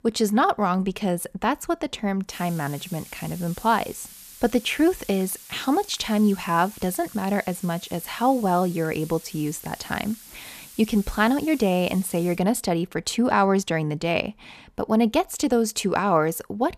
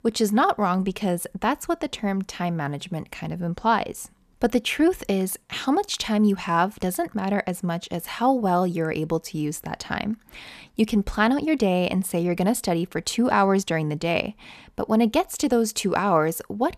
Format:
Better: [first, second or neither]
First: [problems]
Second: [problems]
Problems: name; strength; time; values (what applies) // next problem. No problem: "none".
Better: second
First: hiss; noticeable; from 2.5 to 12 s; 20 dB below the speech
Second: none